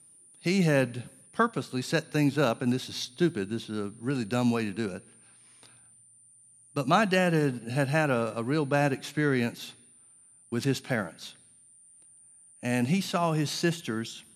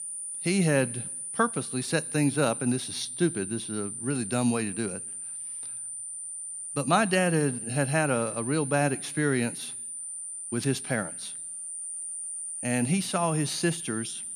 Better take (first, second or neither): first